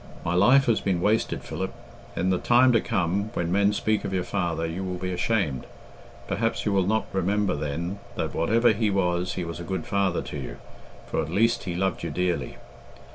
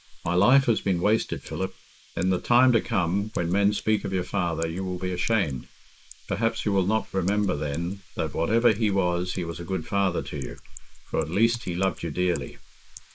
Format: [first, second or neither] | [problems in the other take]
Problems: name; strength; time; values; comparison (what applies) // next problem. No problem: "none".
first | noise reduction (neural mask model Resemble Enhance denoiser)